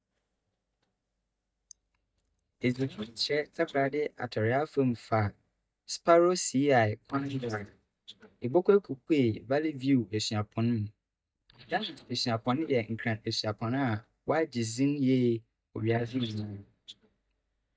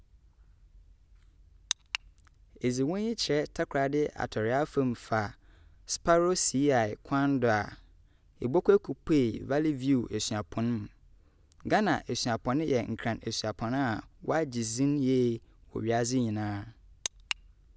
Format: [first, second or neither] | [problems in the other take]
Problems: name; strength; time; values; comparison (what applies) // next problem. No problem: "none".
second | noise reduction (neural mask model DeepFilterNet 3)